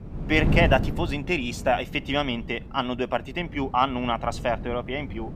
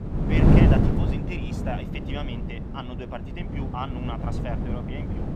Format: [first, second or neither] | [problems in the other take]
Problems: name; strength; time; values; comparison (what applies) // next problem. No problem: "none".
first | wind noise on the microphone; heavy; 4 dB above the speech; occasional gusts in the first